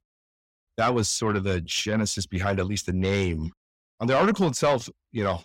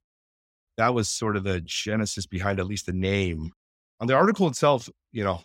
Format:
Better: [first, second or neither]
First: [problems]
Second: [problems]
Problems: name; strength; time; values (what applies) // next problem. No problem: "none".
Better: second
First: distortion; slight; 10 dB below the speech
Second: none